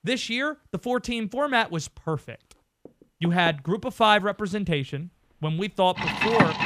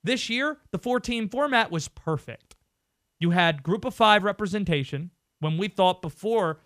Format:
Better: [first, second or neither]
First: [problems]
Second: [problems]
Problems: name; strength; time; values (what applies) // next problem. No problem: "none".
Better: second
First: household noises; loud; throughout; 2 dB below the speech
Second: none